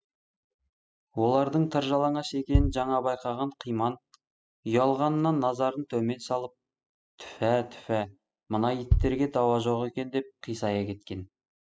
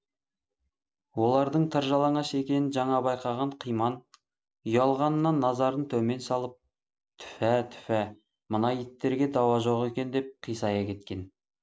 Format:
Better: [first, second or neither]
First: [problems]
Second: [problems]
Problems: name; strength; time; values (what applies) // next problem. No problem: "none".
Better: second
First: noise reduction (classical method spectral subtraction)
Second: none